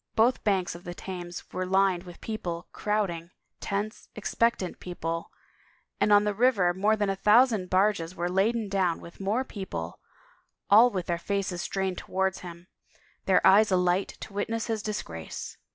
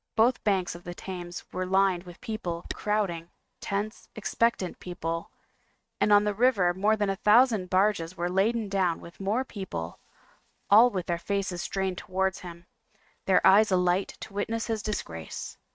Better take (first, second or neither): first